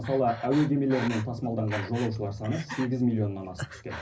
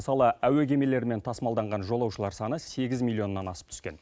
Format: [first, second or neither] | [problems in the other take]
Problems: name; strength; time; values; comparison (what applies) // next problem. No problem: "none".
second | background sound (Breathing); 13 dB below the speech // room echo; dies away in 0.4 s